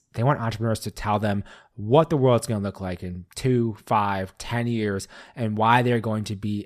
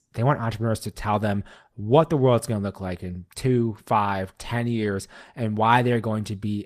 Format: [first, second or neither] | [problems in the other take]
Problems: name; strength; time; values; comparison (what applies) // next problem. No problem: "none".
first | garbled, watery; slightly; nothing above 14.5 kHz